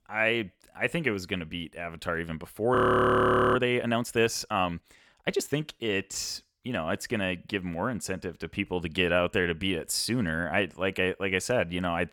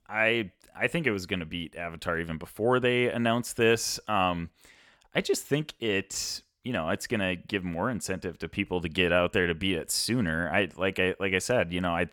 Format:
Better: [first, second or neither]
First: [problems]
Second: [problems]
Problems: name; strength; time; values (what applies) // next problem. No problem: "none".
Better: second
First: audio freezing; at 3 s for 1 s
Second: none